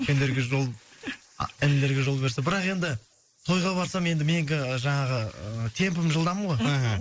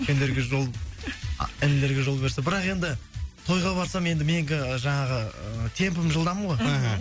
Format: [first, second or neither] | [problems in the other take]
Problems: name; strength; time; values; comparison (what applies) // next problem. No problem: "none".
second | noise reduction (neural mask model Resemble Enhance denoiser)